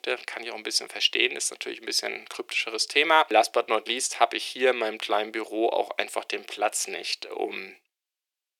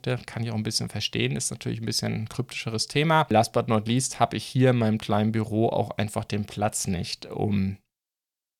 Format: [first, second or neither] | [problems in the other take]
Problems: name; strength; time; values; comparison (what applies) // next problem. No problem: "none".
second | thin; very; fading below 350 Hz